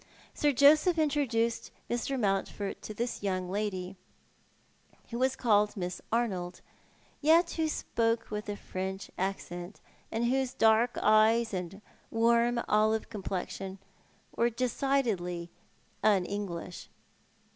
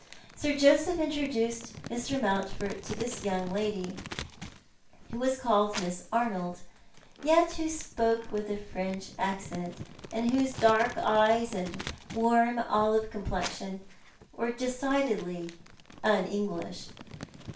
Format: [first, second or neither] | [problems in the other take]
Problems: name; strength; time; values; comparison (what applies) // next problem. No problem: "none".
first | background sound (Crumpling, crinkling); 16 dB below the speech // room echo; dies away in 0.3 s